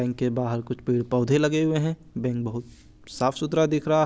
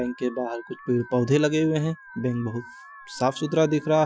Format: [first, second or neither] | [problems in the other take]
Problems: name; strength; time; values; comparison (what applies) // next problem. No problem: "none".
first | noise reduction (classical method Wiener filter)